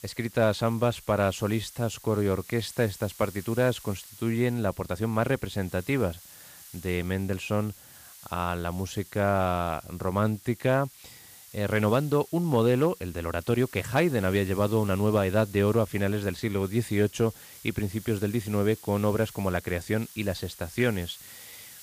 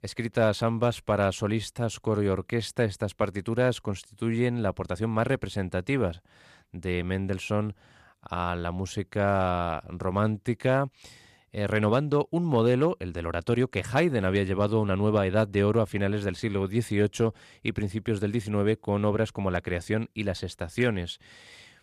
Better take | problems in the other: second | hiss; noticeable; throughout; 20 dB below the speech

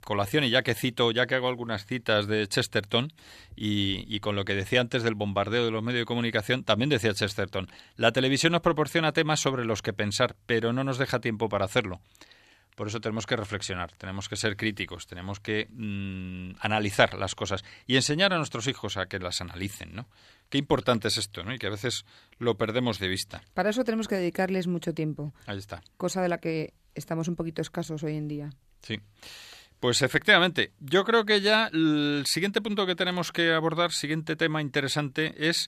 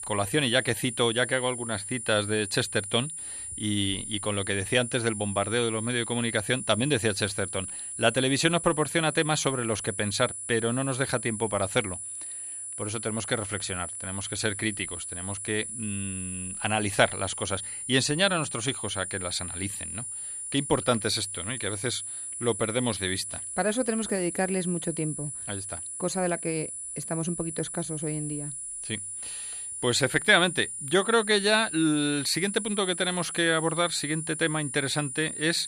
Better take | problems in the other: first | high-pitched whine; loud; throughout; 10 kHz, 6 dB below the speech

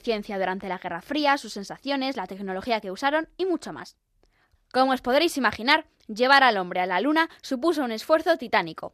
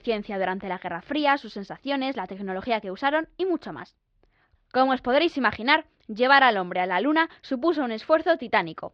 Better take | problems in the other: first | muffled; very slightly; fading above 4 kHz

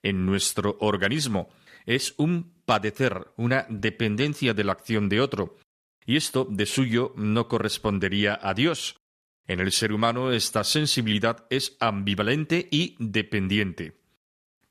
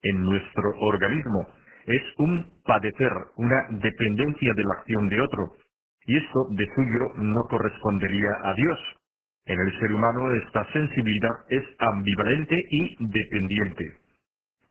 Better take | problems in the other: first | garbled, watery; badly; nothing above 3 kHz

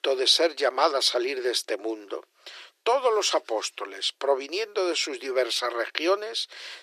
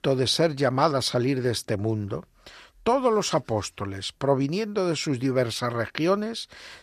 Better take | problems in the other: second | thin; very; fading below 350 Hz

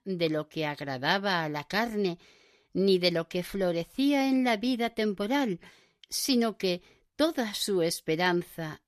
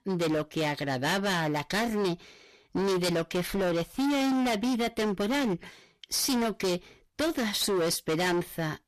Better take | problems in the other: first | distortion; heavy; 26% of the sound clipped

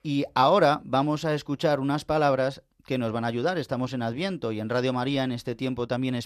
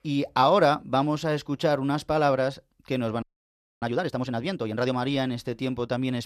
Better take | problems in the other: first | audio freezing; at 3 s for 0.5 s

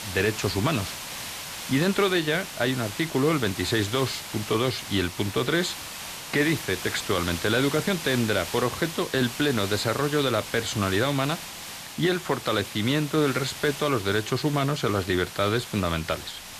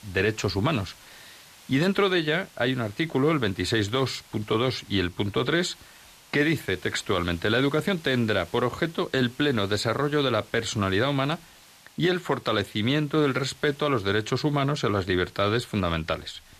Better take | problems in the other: second | hiss; loud; throughout; 9 dB below the speech; faint in the second

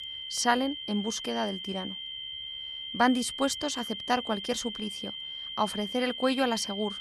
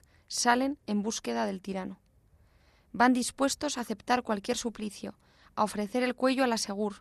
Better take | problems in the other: second | high-pitched whine; loud; throughout; 3 kHz, 6 dB below the speech

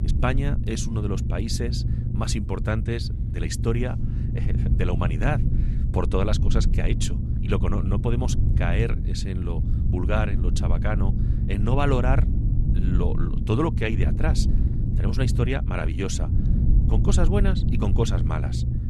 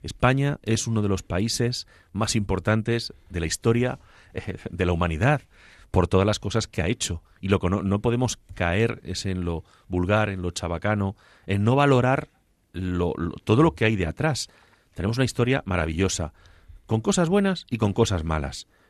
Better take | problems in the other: second | low rumble; loud; throughout; 7 dB below the speech

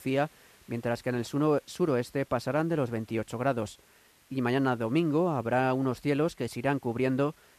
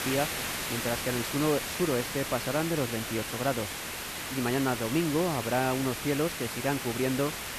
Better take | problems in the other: first | hiss; loud; throughout; 3 dB below the speech; faint in the first

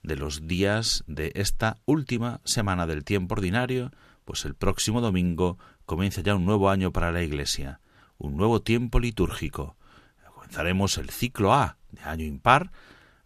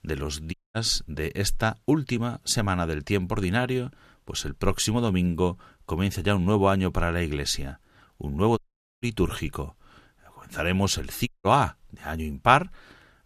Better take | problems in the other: first | audio cutting out; at 0.5 s, at 8.5 s and at 11 s

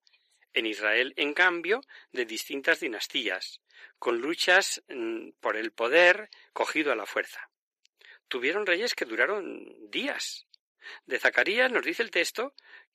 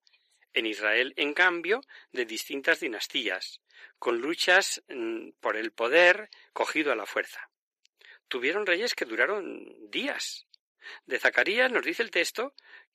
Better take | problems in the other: neither | thin; somewhat; fading below 350 Hz; the same in both

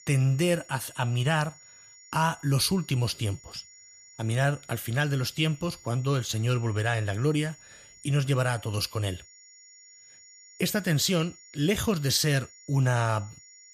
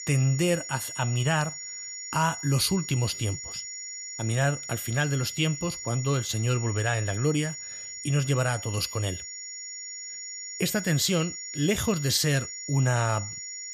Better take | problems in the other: first | high-pitched whine; loud; throughout; 7 kHz, 8 dB below the speech; faint in the first

